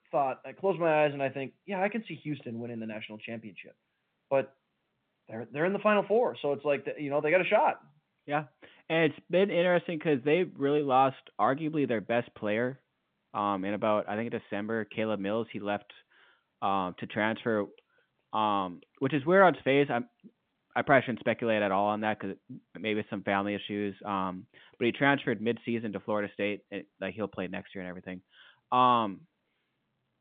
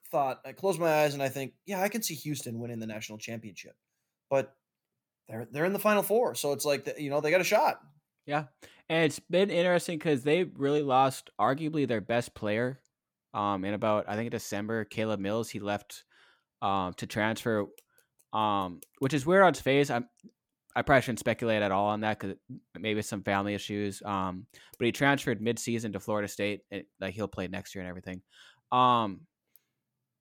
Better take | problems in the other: second | phone-call audio; nothing above 3.5 kHz

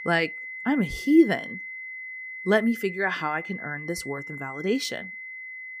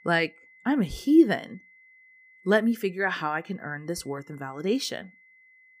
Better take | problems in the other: second | high-pitched whine; loud; throughout; 2 kHz, 10 dB below the speech; faint in the second

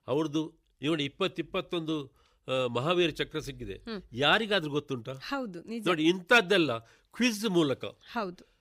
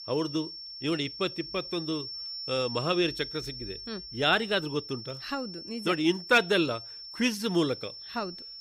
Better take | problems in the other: first | high-pitched whine; loud; throughout; 5.5 kHz, 9 dB below the speech

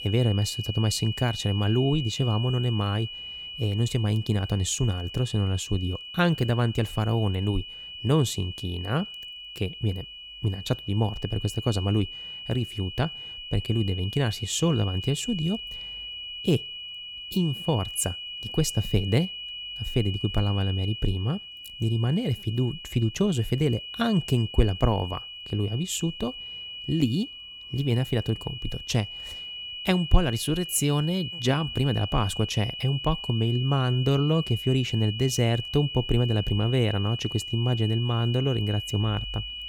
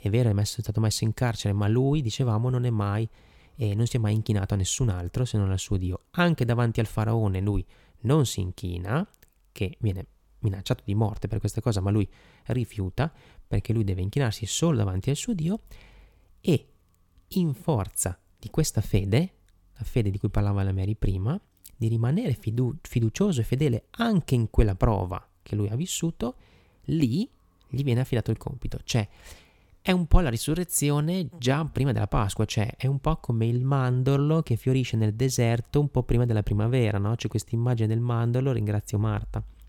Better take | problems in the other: second | high-pitched whine; loud; throughout; 3 kHz, 8 dB below the speech

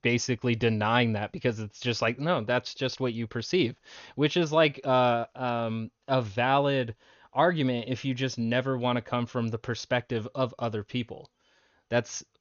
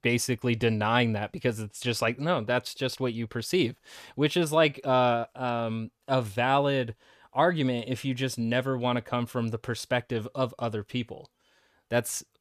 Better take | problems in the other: second | garbled, watery; slightly; nothing above 6.5 kHz

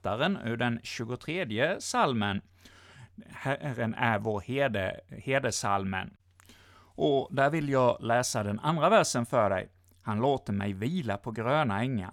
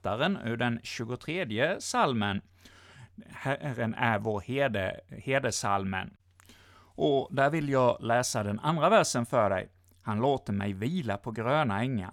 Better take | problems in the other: neither | none

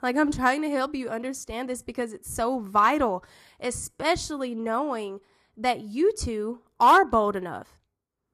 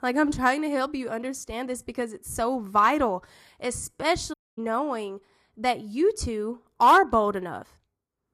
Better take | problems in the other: first | audio cutting out; at 4.5 s

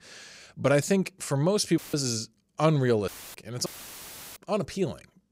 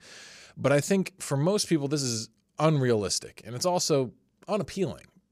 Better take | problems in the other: second | audio cutting out; filled with static; at 2 s, at 3 s and at 3.5 s for 0.5 s

